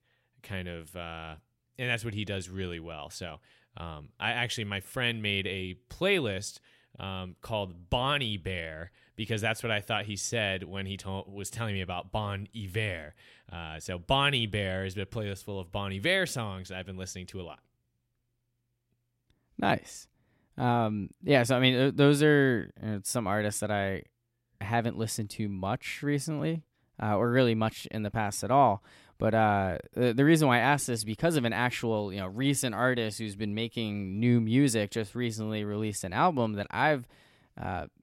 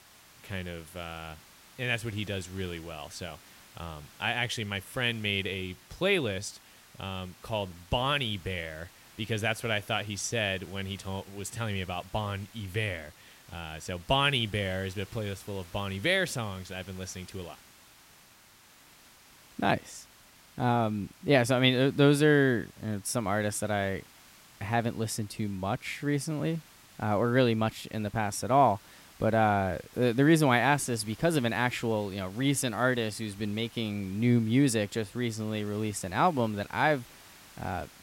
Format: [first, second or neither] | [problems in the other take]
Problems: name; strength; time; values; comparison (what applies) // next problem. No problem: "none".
first | hiss; faint; throughout; 25 dB below the speech